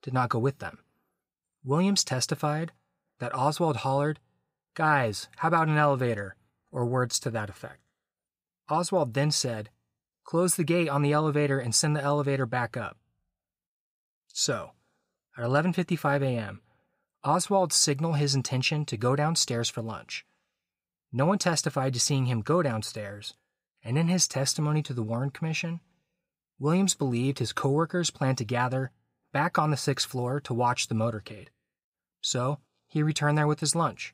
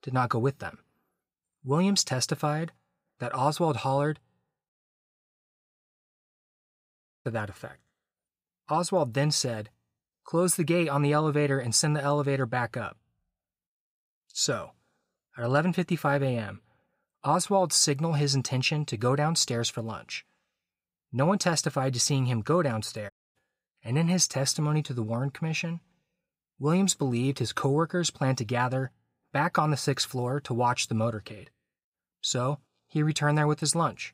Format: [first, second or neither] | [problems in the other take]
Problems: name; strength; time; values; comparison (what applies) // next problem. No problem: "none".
first | audio cutting out; at 4.5 s for 2.5 s and at 23 s